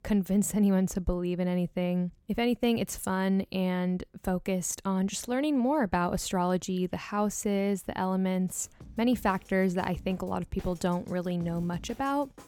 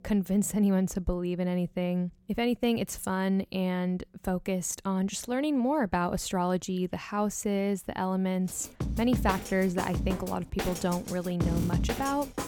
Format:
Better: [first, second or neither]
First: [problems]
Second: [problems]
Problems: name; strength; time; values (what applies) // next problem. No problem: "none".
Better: first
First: background music; faint; throughout; 20 dB below the speech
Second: background music; loud; throughout; 5 dB below the speech